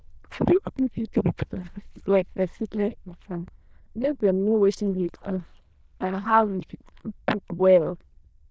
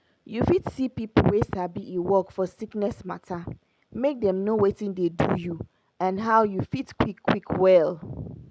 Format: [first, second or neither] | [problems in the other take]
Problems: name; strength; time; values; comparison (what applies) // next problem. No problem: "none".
second | noise reduction (neural diffusion model UNIVERSE++)